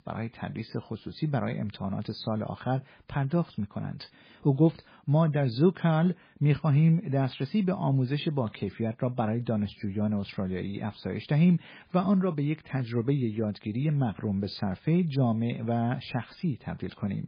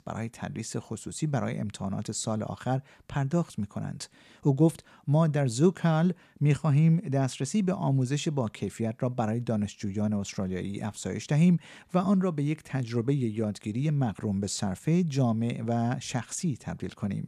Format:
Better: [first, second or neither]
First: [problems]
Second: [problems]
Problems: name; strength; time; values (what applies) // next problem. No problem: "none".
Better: second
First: garbled, watery; badly; nothing above 11.5 kHz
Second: none